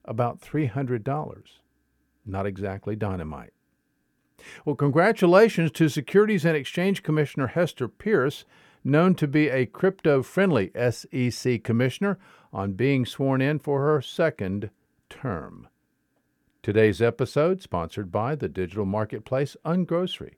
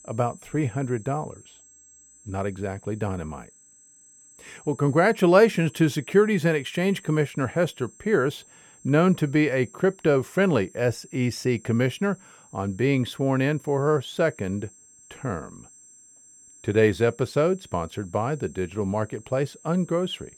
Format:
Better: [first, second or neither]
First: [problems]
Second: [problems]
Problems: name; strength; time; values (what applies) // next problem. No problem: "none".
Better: first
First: none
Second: high-pitched whine; faint; throughout; 7.5 kHz, 25 dB below the speech